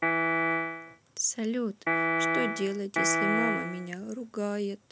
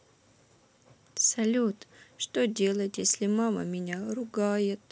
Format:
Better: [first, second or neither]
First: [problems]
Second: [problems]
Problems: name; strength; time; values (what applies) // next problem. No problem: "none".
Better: second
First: background sound (Piano); 5 dB above the speech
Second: none